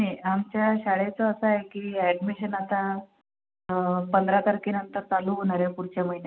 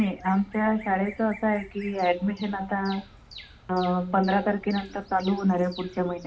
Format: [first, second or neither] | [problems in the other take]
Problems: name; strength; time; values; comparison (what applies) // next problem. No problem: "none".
first | background sound (Bird vocalization, bird call, bird song); 19 dB below the speech // room echo; dies away in 0.3 s